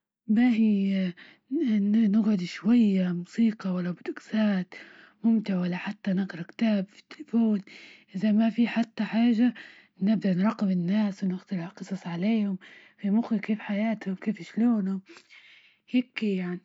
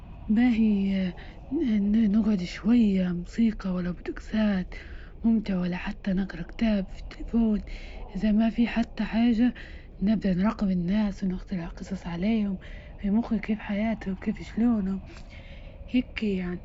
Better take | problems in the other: first | background sound (Wind); 14 dB below the speech

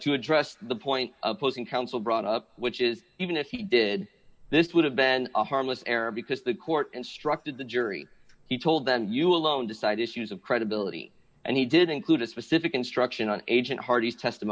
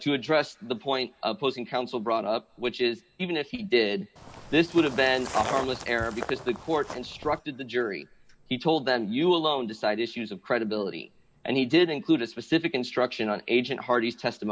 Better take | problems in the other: first | background sound (Walk, footsteps); 10 dB below the speech

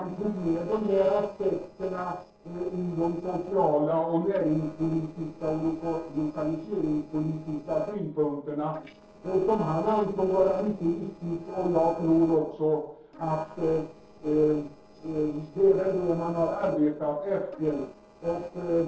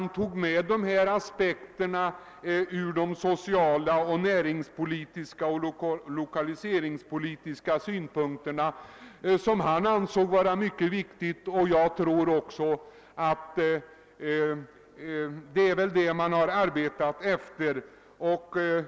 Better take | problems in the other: second | noise reduction (neural separator model SepFormer DNS4)

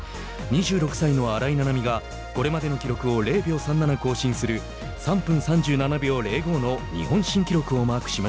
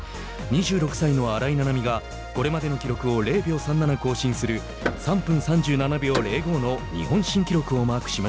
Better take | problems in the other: first | background sound (Door / Car); 13 dB below the speech

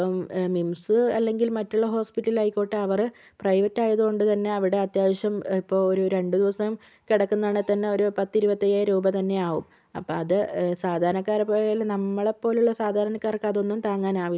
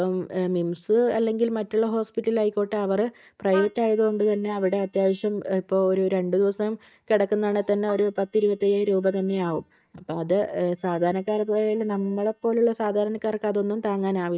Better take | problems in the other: first | noise reduction (neural mask model DeepFilterNet 3)

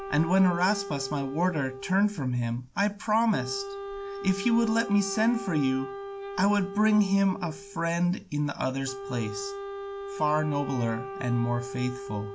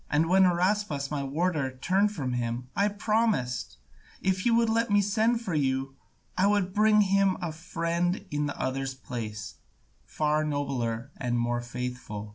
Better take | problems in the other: second | background sound (Wind instrument, woodwind instrument); 11 dB below the speech

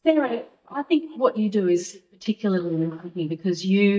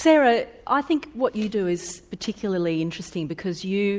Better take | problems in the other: second | noise reduction (neural mask model DeepFilterNet 3)

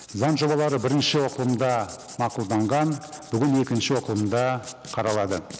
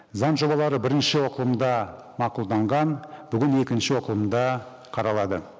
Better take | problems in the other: second | background sound (Writing); 19 dB below the speech

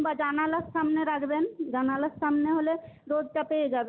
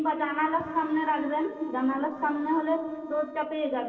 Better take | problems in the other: first | noise reduction (neural separator model SepFormer DNS4)

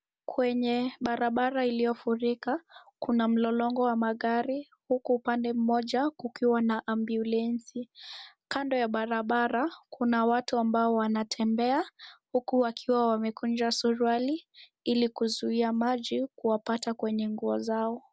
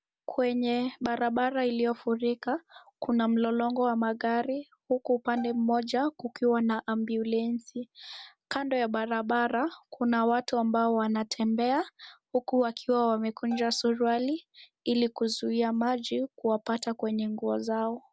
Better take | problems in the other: first | background sound (Bowed string instrument); 19 dB below the speech

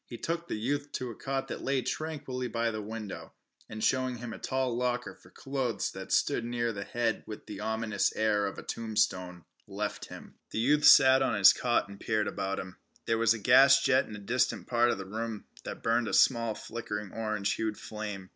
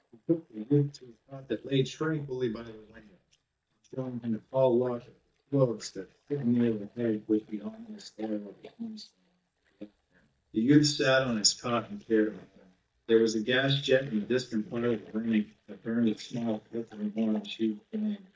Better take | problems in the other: first | noise reduction (neural mask model DeepFilterNet 3)

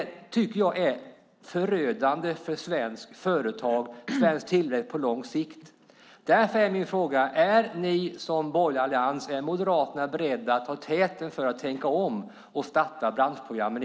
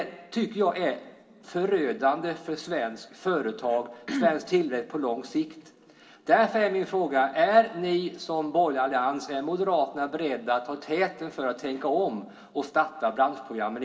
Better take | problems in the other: first | room echo; dies away in 2.7 s

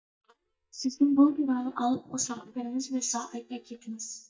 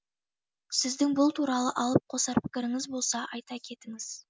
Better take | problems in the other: second | noise reduction (neural mask model DeepFilterNet 3)

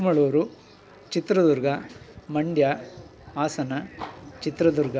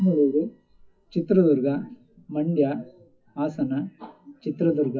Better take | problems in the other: first | noise reduction (classical method WPE with log-MMSE)

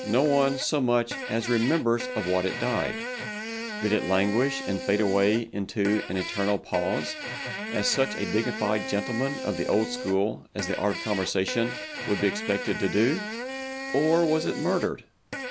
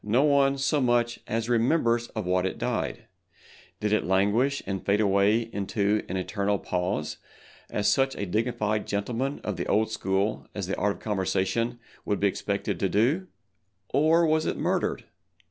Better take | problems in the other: second | background sound (Fart); 8 dB below the speech

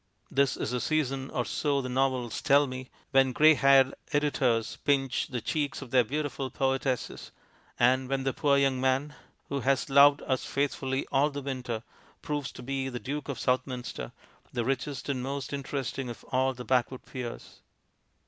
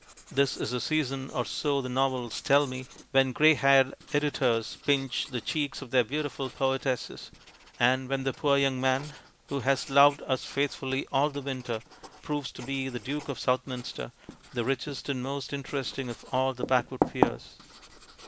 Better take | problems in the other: first | background sound (Writing); 12 dB below the speech

